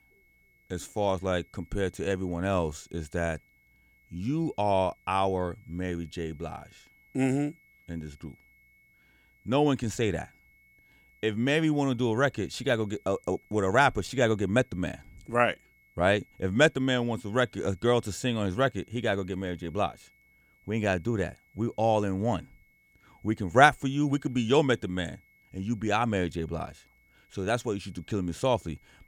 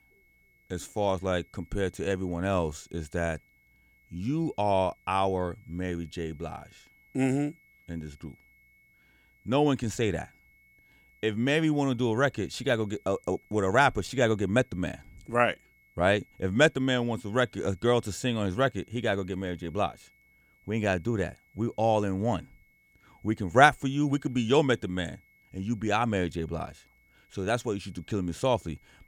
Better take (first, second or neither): neither